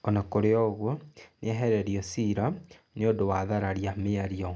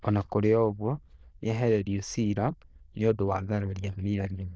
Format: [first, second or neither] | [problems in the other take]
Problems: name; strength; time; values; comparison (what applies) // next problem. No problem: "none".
first | noise reduction (neural diffusion model UNIVERSE++)